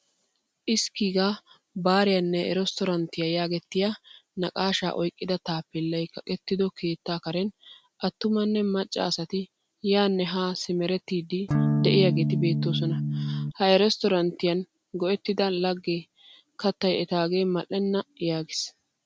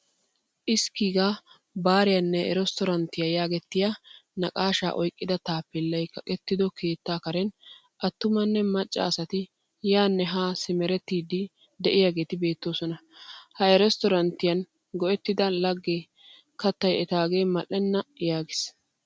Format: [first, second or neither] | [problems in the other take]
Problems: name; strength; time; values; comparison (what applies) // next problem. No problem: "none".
second | background sound (Electric guitar / Strum); 2 dB above the speech